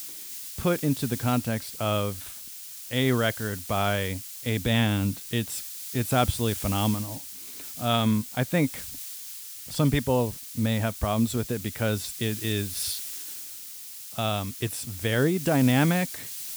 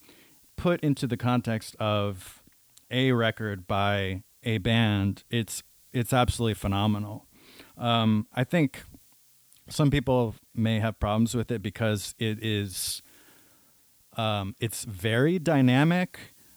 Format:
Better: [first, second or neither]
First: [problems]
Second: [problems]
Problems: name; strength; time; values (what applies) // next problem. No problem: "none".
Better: second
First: hiss; loud; throughout; 9 dB below the speech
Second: hiss; faint; throughout; 30 dB below the speech